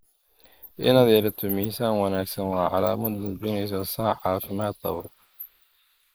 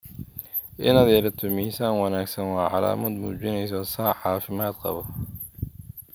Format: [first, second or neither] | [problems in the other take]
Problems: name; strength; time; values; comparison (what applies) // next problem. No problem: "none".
second | noise reduction (neural mask model Resemble Enhance denoiser)